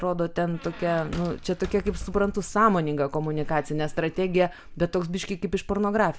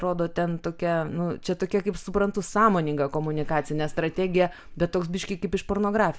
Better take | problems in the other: second | background sound (Squeak); 14 dB below the speech

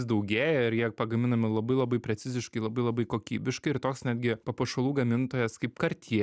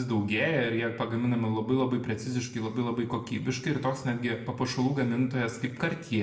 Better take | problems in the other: first | room echo; dies away in 0.8 s

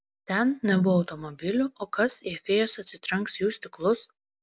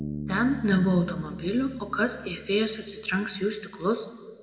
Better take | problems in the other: first | background sound (Bass guitar); 12 dB below the speech // room echo; dies away in 1.4 s

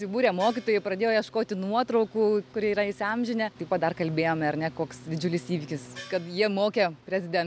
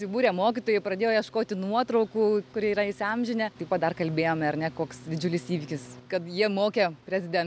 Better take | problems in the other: second | background sound (Gong); 20 dB below the speech

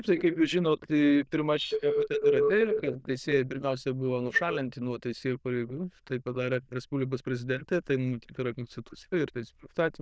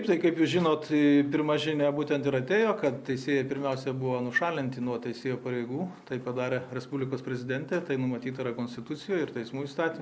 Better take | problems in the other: second | noise reduction (neural diffusion model UNIVERSE++)

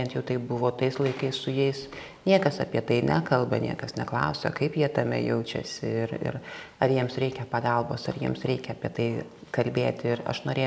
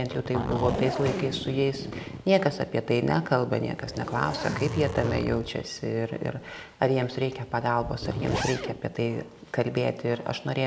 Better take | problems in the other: first | background sound (Zipper (clothing)); 8 dB below the speech

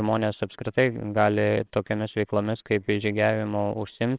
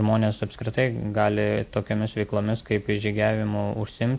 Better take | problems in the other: second | noise reduction (neural separator model SepFormer WHAMR!)

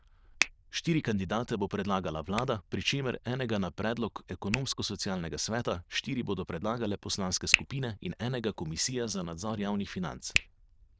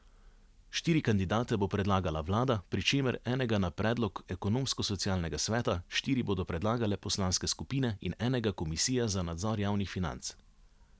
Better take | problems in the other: second | noise reduction (neural diffusion model UNIVERSE++)

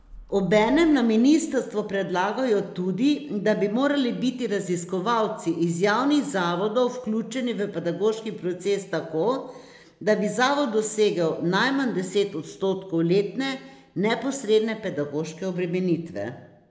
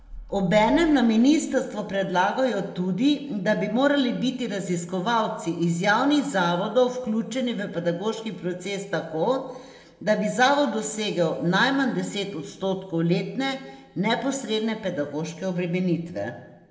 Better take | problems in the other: first | room echo; dies away in 0.9 s

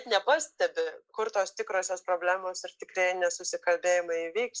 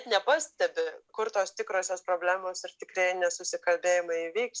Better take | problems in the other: second | noise reduction (neural mask model Resemble Enhance denoiser)

